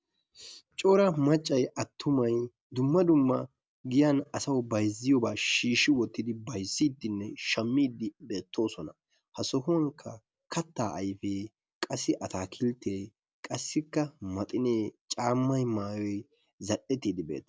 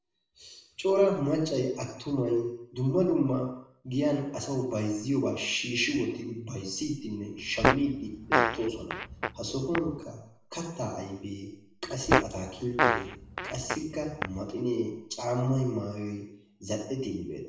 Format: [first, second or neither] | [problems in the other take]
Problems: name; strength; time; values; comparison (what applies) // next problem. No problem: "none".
first | background sound (Fart); 1 dB below the speech // room echo; dies away in 0.6 s